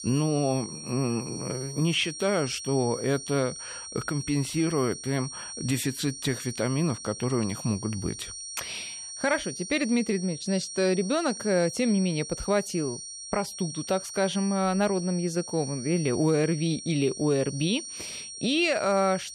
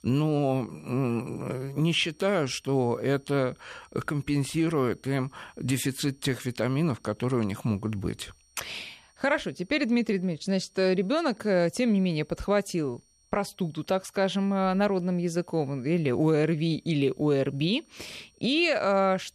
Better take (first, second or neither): second